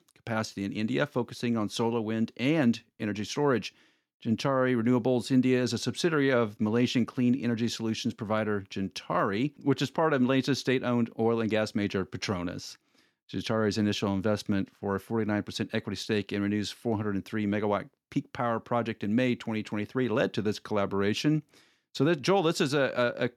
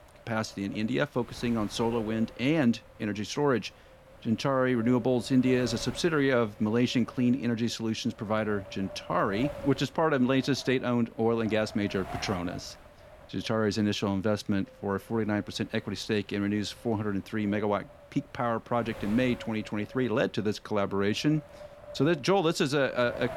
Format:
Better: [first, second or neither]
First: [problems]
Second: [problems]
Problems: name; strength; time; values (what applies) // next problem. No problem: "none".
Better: first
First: none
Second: wind noise on the microphone; occasional gusts; 15 dB below the speech